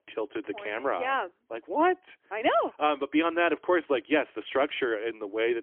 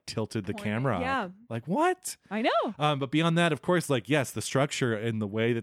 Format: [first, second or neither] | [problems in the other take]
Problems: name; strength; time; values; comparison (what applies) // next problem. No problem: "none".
second | phone-call audio; poor line; nothing above 3.5 kHz